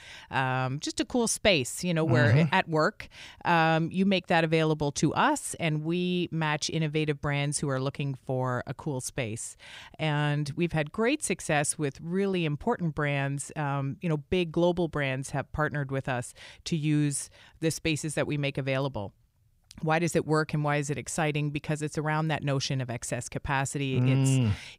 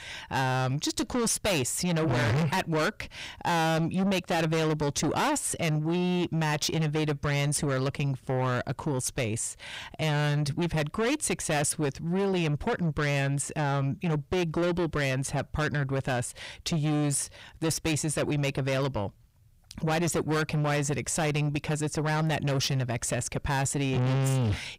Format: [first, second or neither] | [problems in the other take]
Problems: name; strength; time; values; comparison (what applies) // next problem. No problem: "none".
first | distortion; heavy; 6 dB below the speech